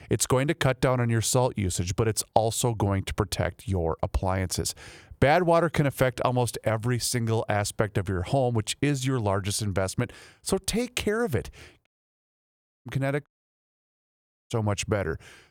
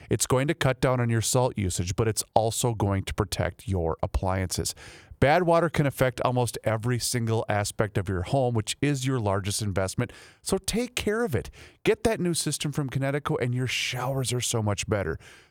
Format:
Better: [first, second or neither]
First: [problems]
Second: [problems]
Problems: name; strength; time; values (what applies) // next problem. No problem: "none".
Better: second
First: audio cutting out; at 12 s for 1 s and at 13 s for 1 s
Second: none